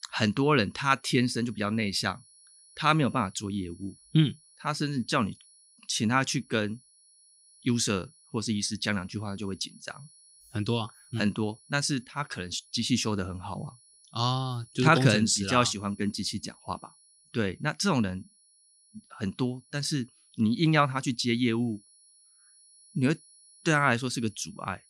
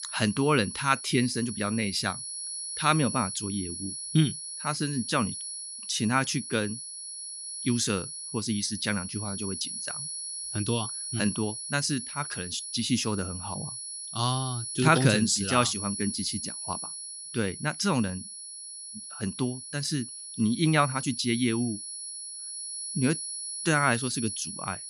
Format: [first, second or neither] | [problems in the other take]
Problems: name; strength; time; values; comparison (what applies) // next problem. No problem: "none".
first | high-pitched whine; loud; throughout; 10 kHz, 6 dB below the speech; faint in the first